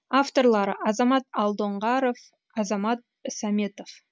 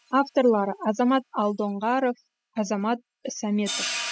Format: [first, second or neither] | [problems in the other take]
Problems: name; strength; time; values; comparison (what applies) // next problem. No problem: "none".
first | noise reduction (classical method spectral subtraction)